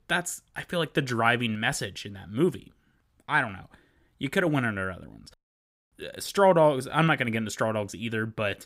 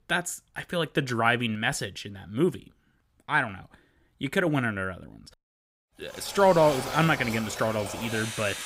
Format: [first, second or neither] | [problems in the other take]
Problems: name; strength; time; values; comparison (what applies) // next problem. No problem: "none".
first | rain or running water; loud; from 6.5 s on; 9 dB below the speech